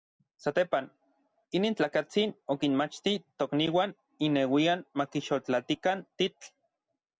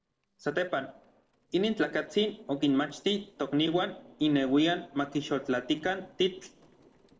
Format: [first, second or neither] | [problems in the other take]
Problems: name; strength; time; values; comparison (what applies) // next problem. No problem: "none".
first | noise reduction (neural separator model SepFormer DNS4)